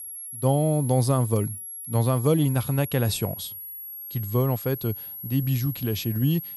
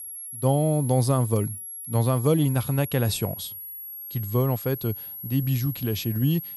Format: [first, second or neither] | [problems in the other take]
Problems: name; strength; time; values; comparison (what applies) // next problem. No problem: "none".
neither | high-pitched whine; loud; throughout; 11.5 kHz, 9 dB below the speech; the same in both